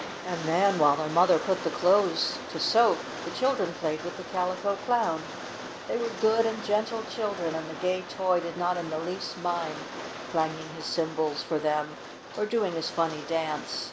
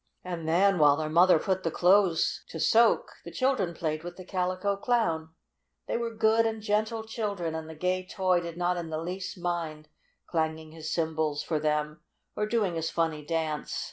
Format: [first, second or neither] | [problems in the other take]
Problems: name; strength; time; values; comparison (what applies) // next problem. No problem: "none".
second | background sound (Rain); 10 dB below the speech